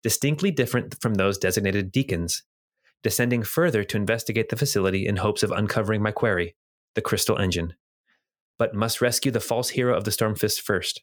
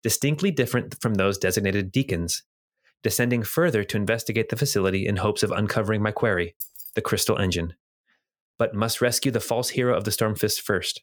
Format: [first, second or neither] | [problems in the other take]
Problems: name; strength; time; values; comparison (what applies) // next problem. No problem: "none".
first | jangling keys; faint; at 6.5 s; peak 10 dB below the speech